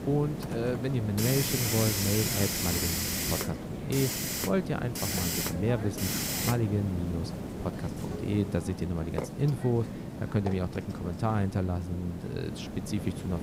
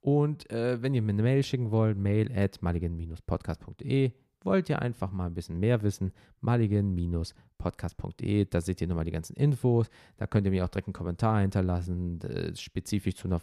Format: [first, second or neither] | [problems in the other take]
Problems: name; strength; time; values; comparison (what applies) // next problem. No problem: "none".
second | hiss; loud; throughout; 1 dB below the speech